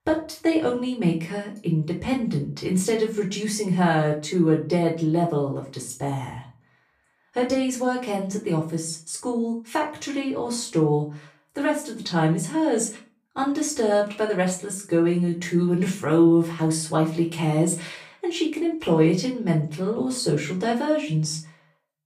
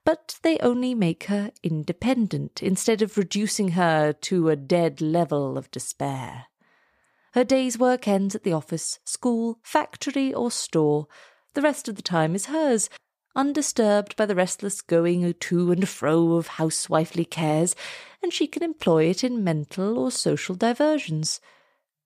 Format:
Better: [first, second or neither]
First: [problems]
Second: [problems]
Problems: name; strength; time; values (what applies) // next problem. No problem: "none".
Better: second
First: off-mic speech; far // room echo; slight; dies away in 0.3 s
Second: none